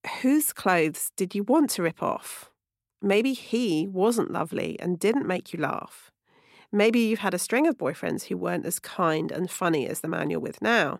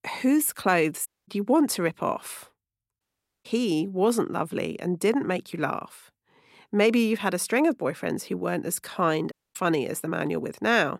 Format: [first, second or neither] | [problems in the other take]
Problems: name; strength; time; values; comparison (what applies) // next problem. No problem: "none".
first | audio cutting out; at 1 s, at 3 s and at 9.5 s